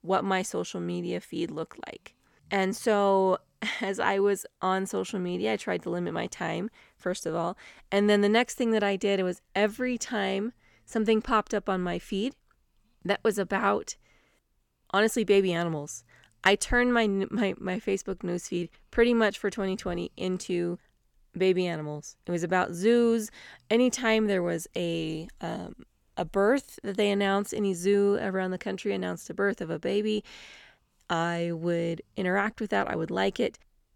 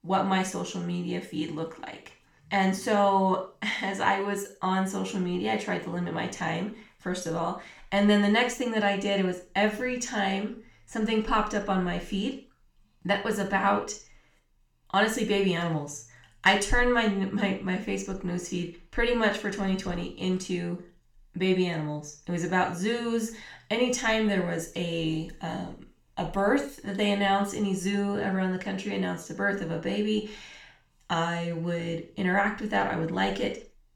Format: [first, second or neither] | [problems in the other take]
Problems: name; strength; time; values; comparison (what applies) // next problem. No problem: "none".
first | room echo; slight; dies away in 0.4 s // off-mic speech; somewhat distant